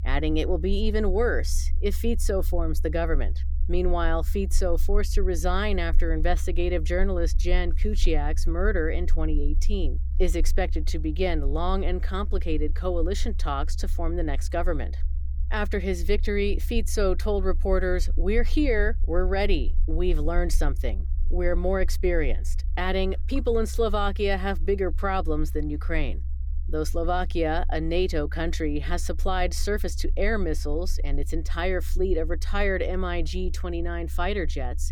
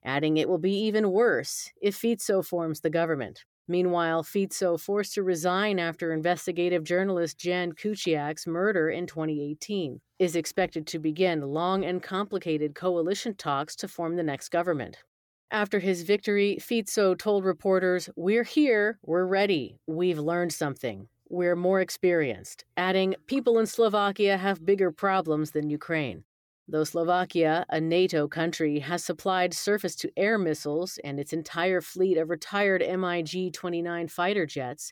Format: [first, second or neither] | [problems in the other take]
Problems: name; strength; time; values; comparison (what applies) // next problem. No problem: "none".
second | low rumble; faint; throughout; 20 dB below the speech